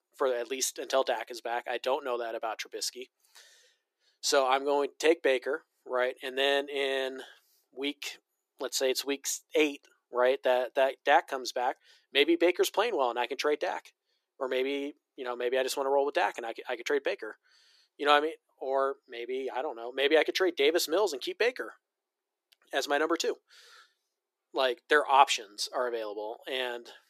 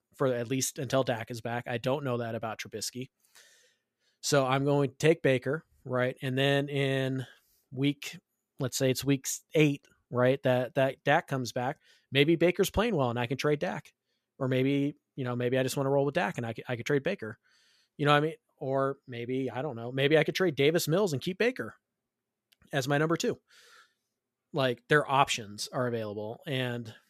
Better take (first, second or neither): second